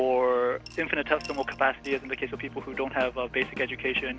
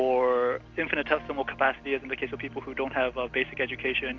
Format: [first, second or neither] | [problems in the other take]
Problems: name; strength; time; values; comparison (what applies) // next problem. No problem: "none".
second | background sound (Coin (dropping) / Glass + Drum / Drum kit); 18 dB below the speech